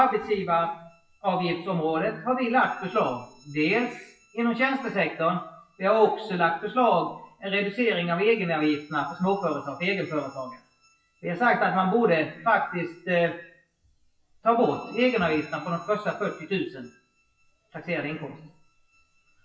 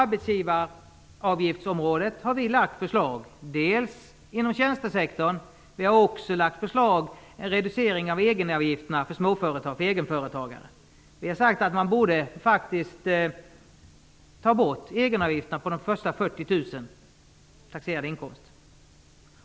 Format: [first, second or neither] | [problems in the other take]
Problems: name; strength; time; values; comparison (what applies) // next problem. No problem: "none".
second | noise reduction (classical method WPE with log-MMSE)